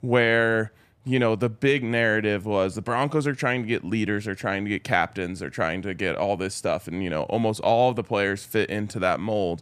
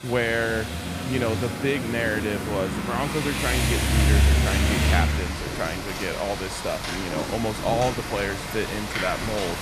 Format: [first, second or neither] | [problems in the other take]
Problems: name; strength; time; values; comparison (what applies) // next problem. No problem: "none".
first | rain or running water; very loud; throughout; 2 dB above the speech